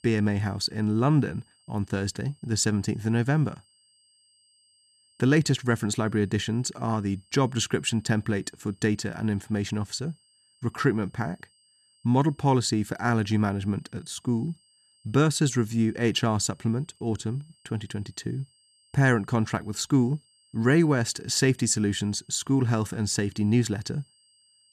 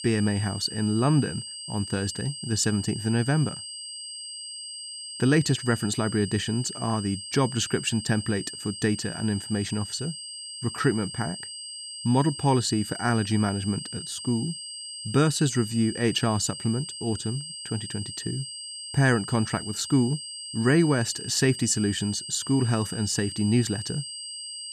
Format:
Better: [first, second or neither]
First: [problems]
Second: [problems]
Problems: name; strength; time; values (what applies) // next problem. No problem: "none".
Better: first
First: high-pitched whine; faint; throughout; 5 kHz, 35 dB below the speech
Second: high-pitched whine; loud; throughout; 5 kHz, 9 dB below the speech